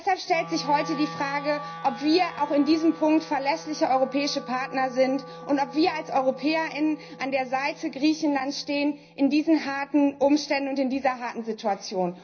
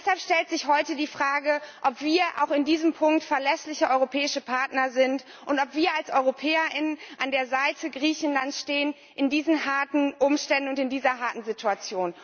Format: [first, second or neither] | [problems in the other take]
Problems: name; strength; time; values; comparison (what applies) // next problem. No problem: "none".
second | background sound (Wind instrument, woodwind instrument); 17 dB below the speech // room echo; dies away in 0.5 s